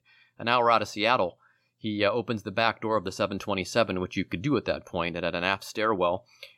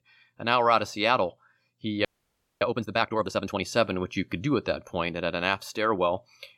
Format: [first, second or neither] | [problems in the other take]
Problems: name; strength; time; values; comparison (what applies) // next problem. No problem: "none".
first | audio freezing; at 2 s for 0.5 s